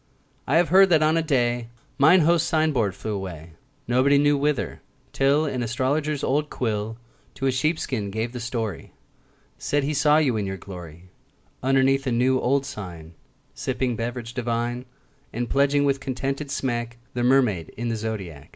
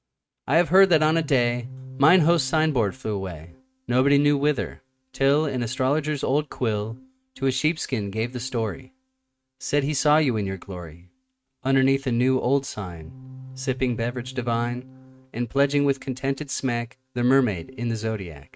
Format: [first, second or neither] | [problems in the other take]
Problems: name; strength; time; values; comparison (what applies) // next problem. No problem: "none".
first | noise reduction (neural mask model RNNoise)